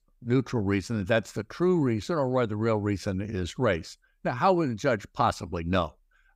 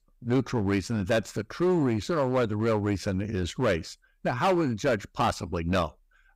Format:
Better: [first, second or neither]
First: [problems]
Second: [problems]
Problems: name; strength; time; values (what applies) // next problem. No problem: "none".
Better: first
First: none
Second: distortion; slight; 8% of the sound clipped